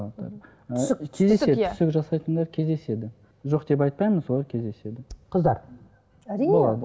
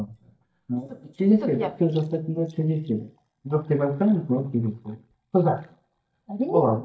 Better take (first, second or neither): first